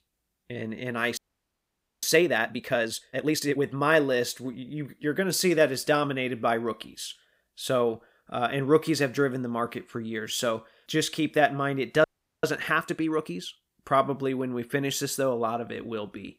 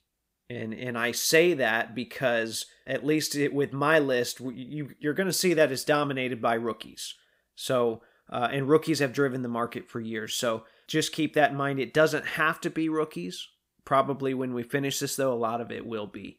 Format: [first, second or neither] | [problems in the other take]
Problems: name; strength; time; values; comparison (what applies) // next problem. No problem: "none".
second | audio freezing; at 1 s for 1 s and at 12 s